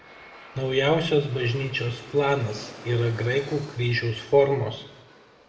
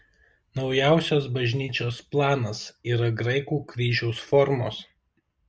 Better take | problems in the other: second | background sound (Aircraft); 19 dB below the speech // room echo; dies away in 0.7 s

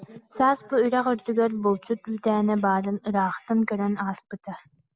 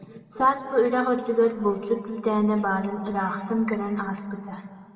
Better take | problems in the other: first | room echo; dies away in 1.5 s

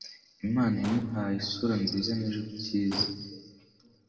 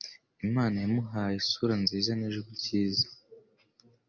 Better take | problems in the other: second | background sound (Gunshot, gunfire); 14 dB below the speech // room echo; dies away in 1.8 s

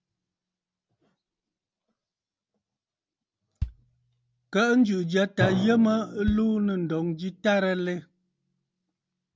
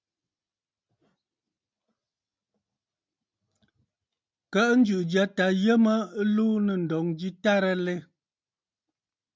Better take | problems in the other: second | background sound (Bass drum + Drum); 11 dB below the speech

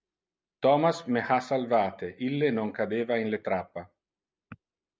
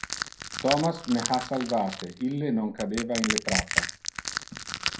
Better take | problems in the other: first | background sound (Crushing); 3 dB below the speech // room echo; dies away in 0.2 s

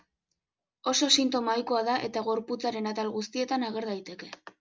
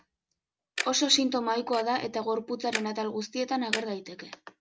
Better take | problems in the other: first | background sound (Tick-tock); 11 dB below the speech

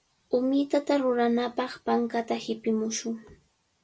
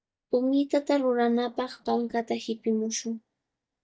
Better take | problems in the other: first | noise reduction (neural mask model DeepFilterNet 3)

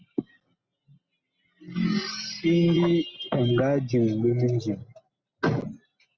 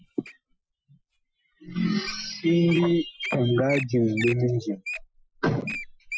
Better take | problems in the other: first | noise reduction (classical method Wiener filter)

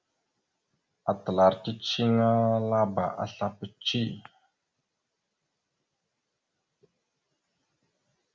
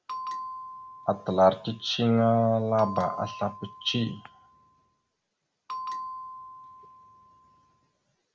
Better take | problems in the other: first | background sound (Bell); 12 dB below the speech

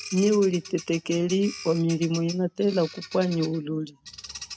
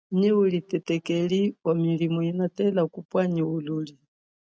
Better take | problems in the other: second | background sound (Bird vocalization, bird call, bird song); 16 dB below the speech

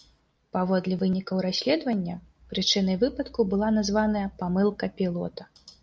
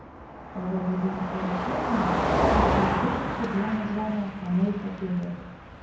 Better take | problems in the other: first | background sound (Car passing by); 1 dB above the speech // room echo; dies away in 0.9 s

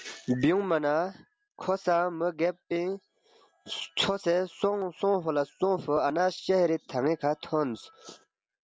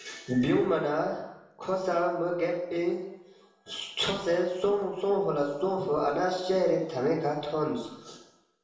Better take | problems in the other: first | room echo; dies away in 0.8 s

